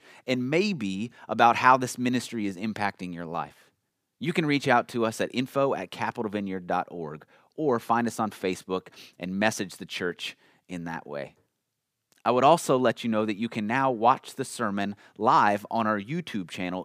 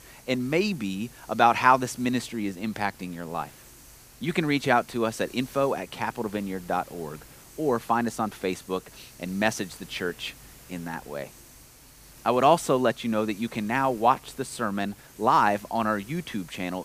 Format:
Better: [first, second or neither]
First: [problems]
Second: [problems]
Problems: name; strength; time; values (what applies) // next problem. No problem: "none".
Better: first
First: none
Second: hiss; faint; throughout; 20 dB below the speech